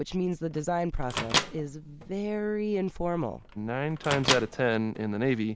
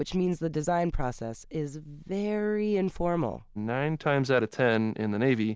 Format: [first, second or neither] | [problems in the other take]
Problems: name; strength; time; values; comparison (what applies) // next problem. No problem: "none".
second | background sound (Microwave oven); 6 dB below the speech